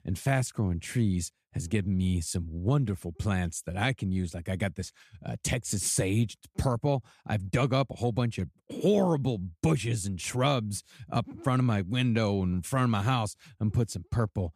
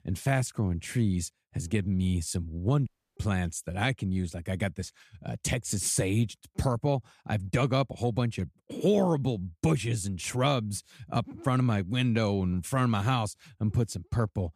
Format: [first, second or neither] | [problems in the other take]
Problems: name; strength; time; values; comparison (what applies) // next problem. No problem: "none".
first | audio cutting out; at 3 s